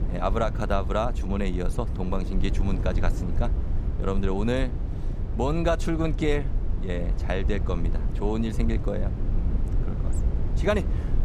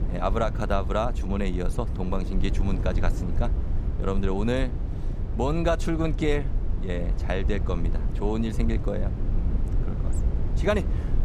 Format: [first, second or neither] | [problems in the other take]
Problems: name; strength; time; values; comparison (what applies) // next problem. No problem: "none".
neither | low rumble; noticeable; throughout; 10 dB below the speech; the same in both